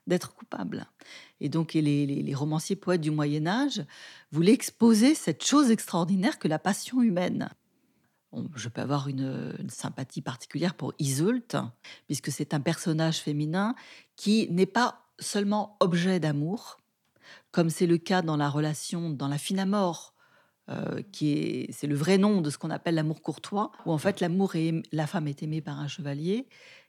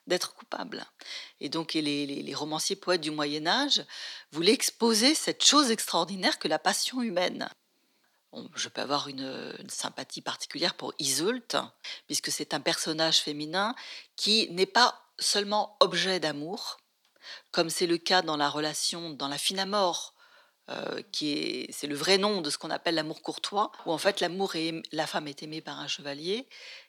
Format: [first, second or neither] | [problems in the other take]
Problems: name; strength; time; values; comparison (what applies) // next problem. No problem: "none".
first | thin; somewhat; fading below 450 Hz